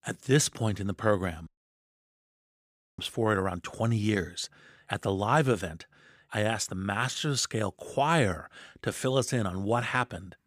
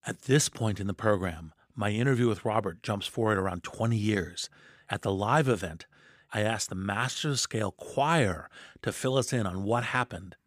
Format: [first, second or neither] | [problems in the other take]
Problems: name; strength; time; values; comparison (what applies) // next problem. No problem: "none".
second | audio cutting out; at 1.5 s for 1.5 s